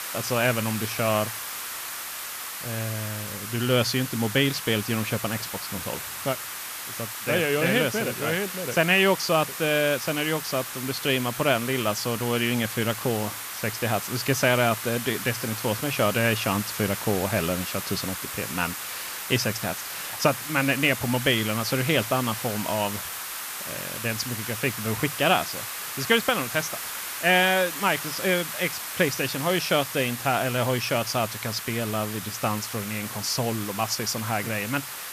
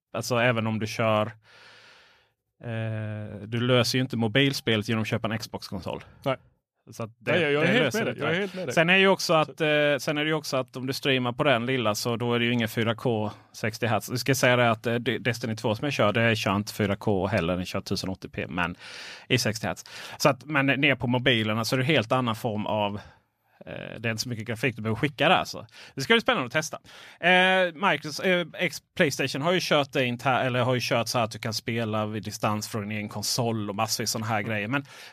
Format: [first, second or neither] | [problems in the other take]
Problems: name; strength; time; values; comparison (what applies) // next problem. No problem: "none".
second | hiss; loud; throughout; 6 dB below the speech